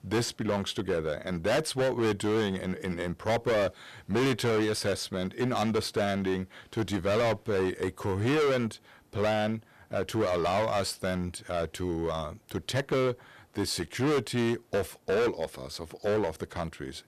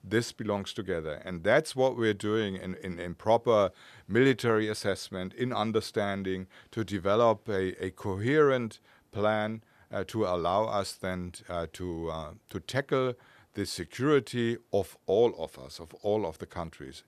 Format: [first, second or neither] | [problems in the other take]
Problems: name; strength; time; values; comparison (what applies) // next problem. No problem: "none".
second | distortion; heavy; 15% of the sound clipped